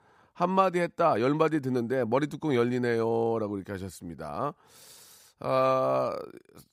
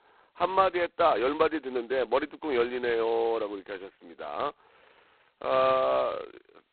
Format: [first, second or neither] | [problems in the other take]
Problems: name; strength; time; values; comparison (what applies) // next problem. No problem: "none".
first | phone-call audio; poor line; nothing above 4 kHz